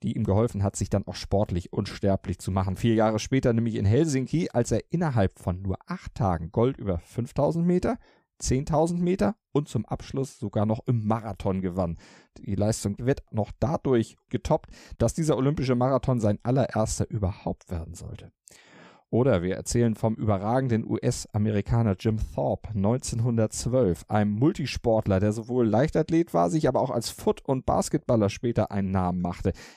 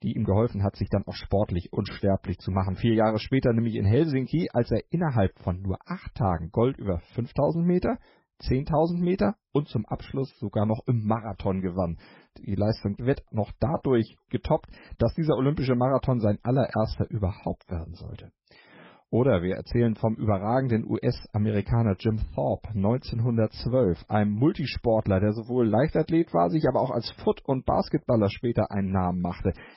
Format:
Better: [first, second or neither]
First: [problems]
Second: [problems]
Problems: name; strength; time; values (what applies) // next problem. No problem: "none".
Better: first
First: none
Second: garbled, watery; badly; nothing above 5.5 kHz